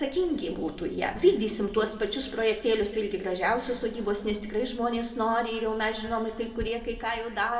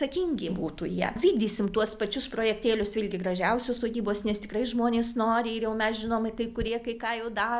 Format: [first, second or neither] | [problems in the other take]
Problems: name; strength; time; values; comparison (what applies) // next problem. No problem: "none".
second | room echo; dies away in 1.9 s